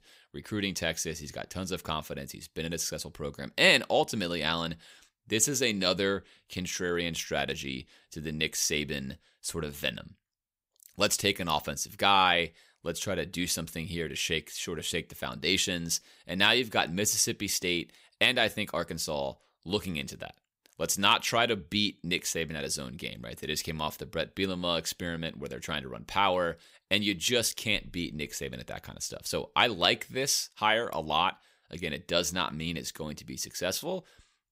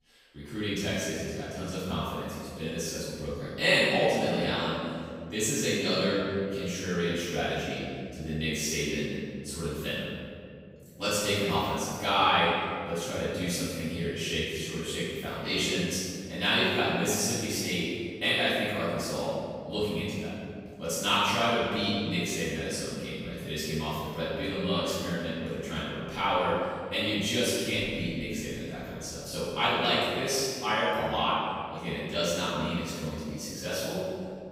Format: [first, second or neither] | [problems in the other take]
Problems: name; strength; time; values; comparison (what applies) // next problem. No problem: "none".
first | off-mic speech; far // room echo; strong; dies away in 2.3 s